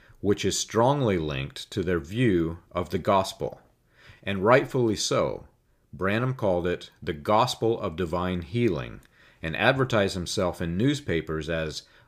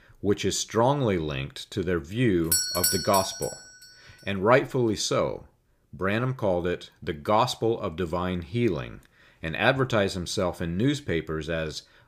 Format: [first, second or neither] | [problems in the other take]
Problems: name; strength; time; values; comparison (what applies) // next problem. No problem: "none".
first | doorbell; loud; at 2.5 s; peak 5 dB above the speech